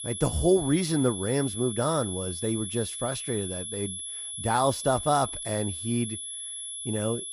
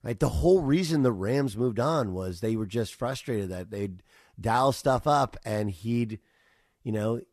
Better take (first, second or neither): second